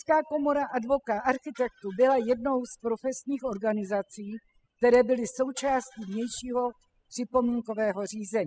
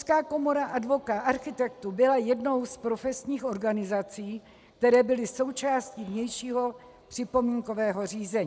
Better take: second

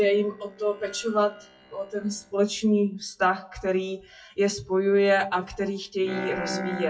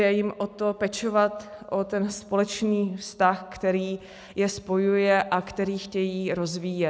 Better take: second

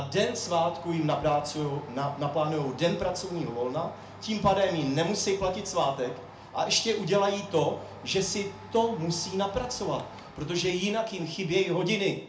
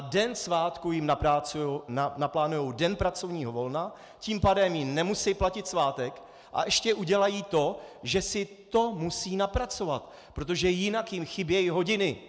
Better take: second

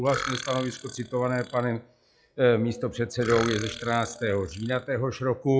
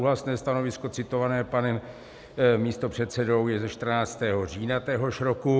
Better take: second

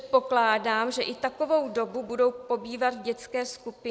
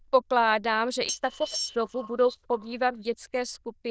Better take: first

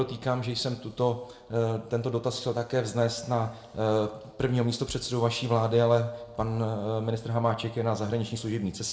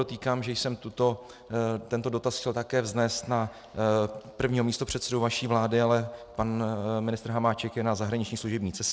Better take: second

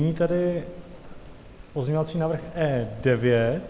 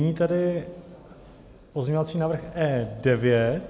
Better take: second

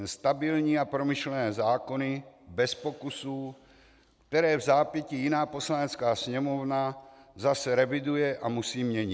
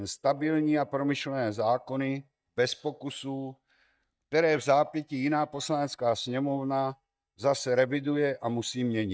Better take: first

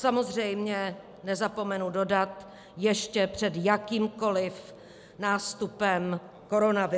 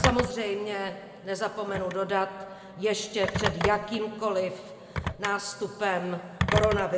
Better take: first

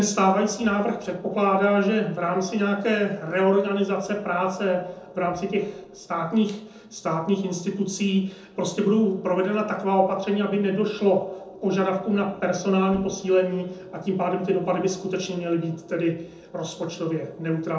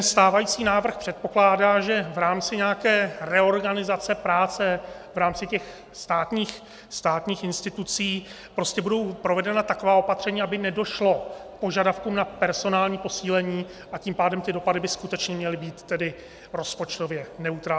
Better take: second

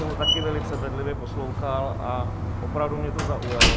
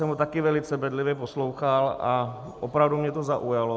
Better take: second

